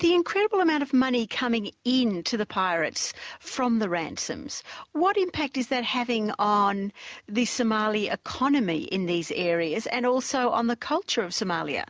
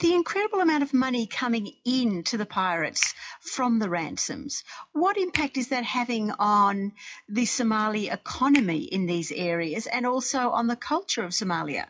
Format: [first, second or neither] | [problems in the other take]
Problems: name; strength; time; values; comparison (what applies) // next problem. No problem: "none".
first | noise reduction (classical method WPE with log-MMSE)